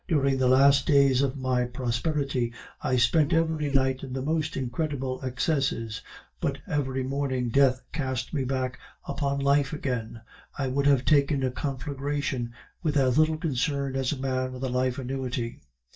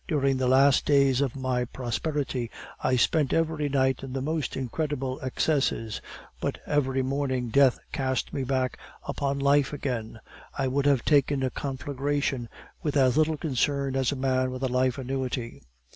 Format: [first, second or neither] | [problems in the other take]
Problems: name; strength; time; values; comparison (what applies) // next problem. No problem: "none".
second | noise reduction (neural mask model DeepFilterNet 3)